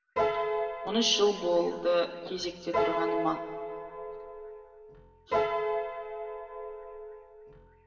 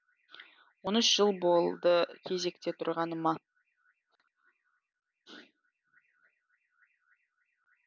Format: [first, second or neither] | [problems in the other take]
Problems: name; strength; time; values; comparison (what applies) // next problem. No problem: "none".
second | background sound (Piano); 1 dB below the speech // room echo; dies away in 2.2 s